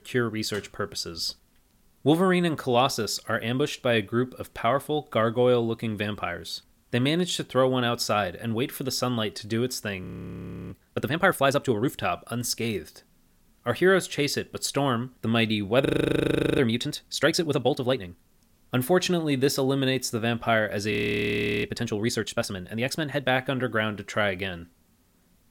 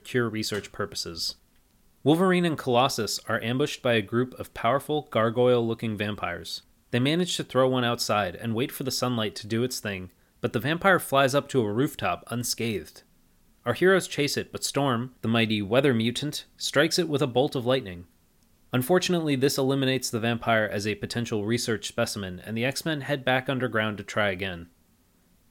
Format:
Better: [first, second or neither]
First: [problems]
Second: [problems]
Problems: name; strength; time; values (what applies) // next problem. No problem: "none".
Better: second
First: audio freezing; at 10 s for 0.5 s, at 16 s for 0.5 s and at 21 s for 0.5 s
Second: none